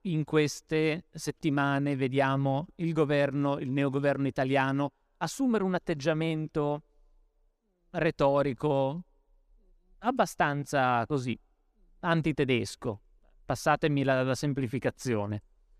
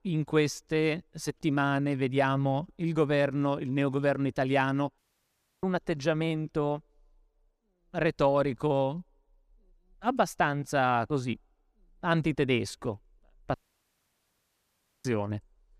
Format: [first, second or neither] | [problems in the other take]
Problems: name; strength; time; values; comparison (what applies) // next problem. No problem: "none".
first | audio cutting out; at 5 s for 0.5 s and at 14 s for 1.5 s